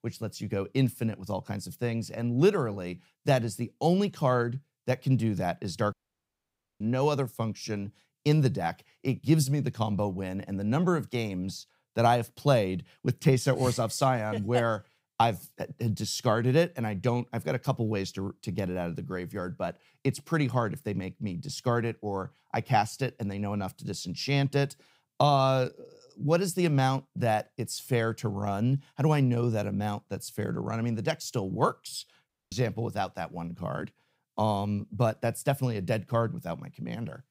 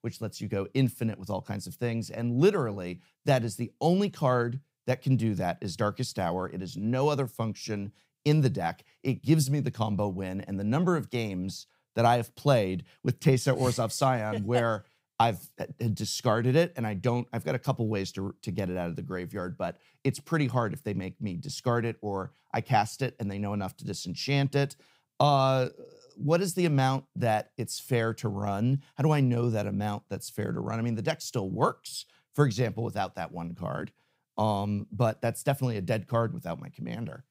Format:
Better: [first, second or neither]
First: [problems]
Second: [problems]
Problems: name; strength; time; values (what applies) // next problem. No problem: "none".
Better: second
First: audio cutting out; at 6 s for 1 s and at 32 s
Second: none